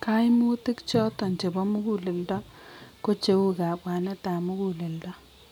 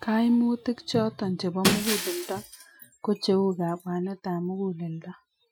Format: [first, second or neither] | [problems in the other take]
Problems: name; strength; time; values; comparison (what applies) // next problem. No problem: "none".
first | noise reduction (classical method Wiener filter)